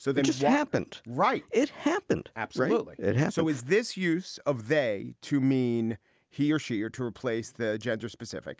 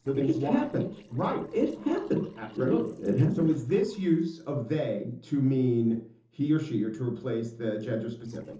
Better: first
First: none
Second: noise reduction (neural separator model SepFormer DNS4)

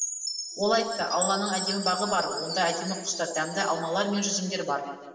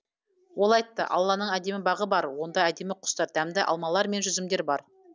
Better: second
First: background sound (Chime); 7 dB below the speech // room echo; dies away in 1.3 s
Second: none

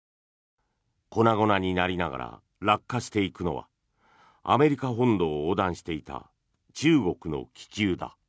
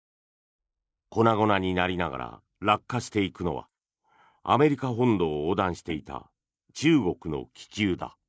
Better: first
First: none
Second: noise reduction (neural mask model Resemble Enhance denoiser)

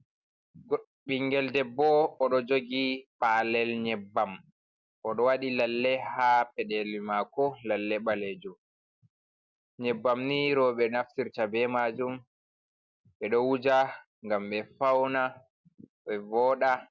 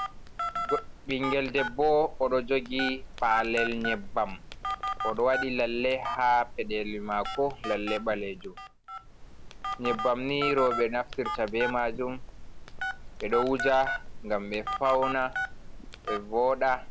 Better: first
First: none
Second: background sound (Telephone); 6 dB below the speech

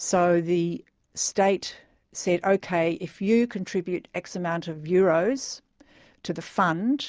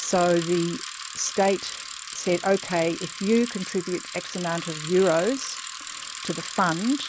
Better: first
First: none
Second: background sound (Bicycle); 10 dB below the speech

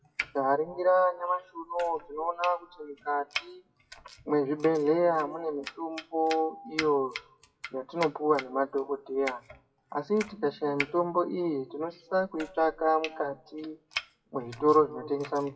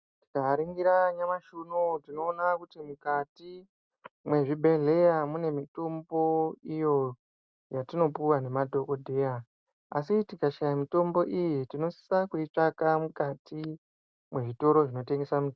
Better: second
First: noise reduction (classical method WPE with log-MMSE)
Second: none

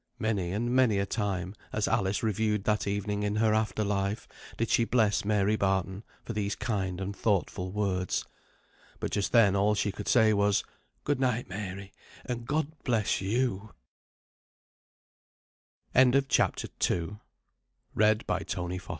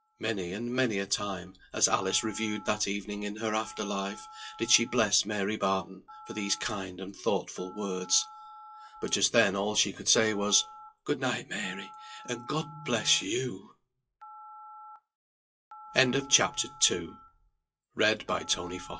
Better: first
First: none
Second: noise reduction (classical method WPE with log-MMSE)

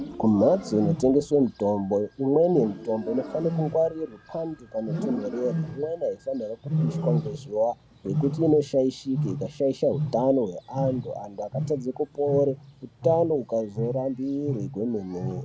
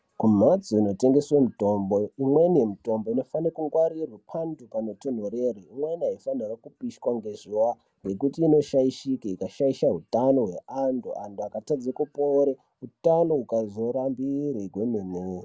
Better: second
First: background sound (Wild animals); 7 dB below the speech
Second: none

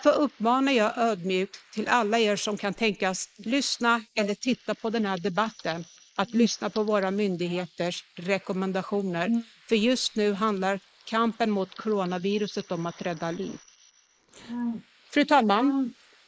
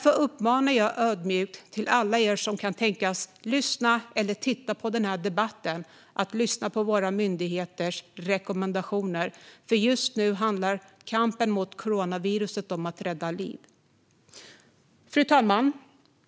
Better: second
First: noise reduction (neural mask model Resemble Enhance denoiser)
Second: none

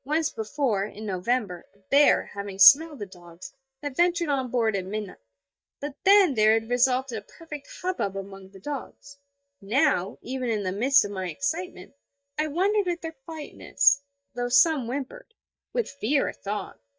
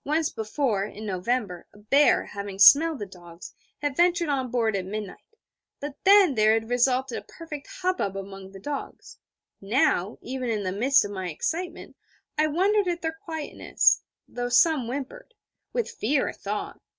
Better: second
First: noise reduction (neural mask model DeepFilterNet 3)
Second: none

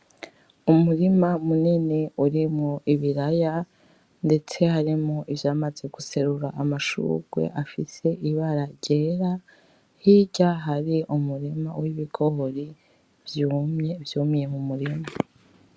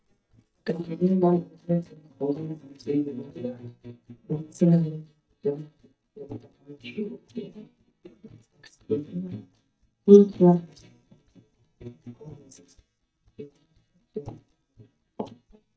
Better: first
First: none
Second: noise reduction (neural mask model DeepFilterNet 3)

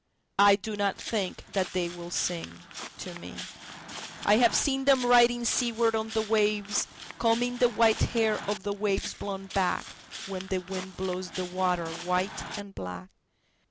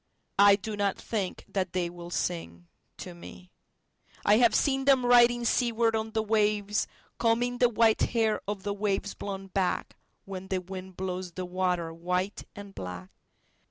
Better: second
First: background sound (Walk, footsteps); 13 dB below the speech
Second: none

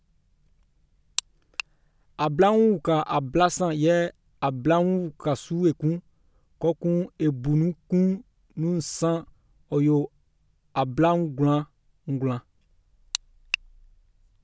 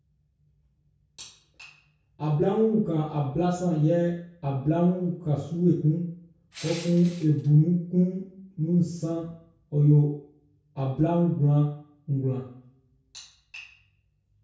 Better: first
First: none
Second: background sound (Crushing); 19 dB below the speech // room echo; dies away in 0.6 s

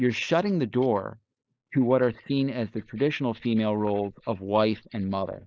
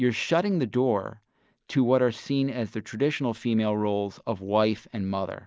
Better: second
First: noise reduction (neural mask model Resemble Enhance denoiser)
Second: none

